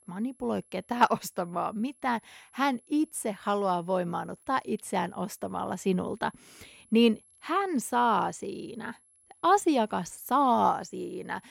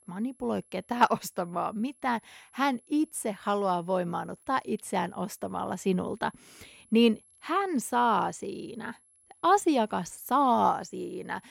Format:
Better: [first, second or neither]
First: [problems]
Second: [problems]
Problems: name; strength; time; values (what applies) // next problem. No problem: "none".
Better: neither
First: high-pitched whine; faint; throughout; 11 kHz, 30 dB below the speech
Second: high-pitched whine; faint; throughout; 11 kHz, 30 dB below the speech